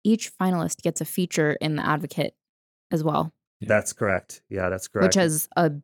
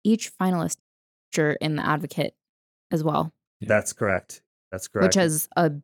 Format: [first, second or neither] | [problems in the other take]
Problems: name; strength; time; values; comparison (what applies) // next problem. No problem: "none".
first | audio cutting out; at 1 s for 0.5 s and at 4.5 s